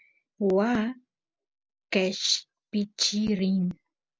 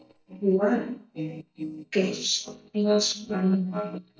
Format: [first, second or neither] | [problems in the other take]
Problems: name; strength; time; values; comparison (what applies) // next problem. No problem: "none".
first | noise reduction (neural mask model DeepFilterNet 3)